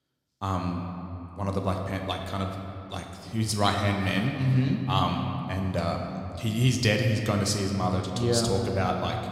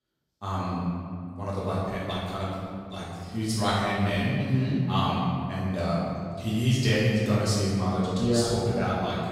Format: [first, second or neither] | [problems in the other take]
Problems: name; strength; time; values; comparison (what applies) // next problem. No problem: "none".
first | room echo; strong; dies away in 2.1 s; slight in the first // off-mic speech; far